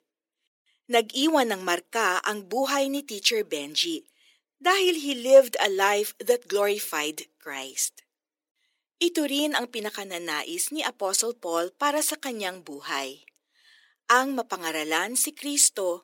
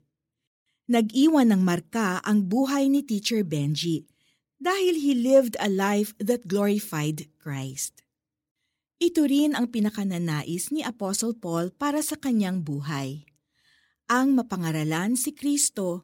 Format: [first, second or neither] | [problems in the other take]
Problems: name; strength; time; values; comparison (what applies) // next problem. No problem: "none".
second | thin; very; fading below 400 Hz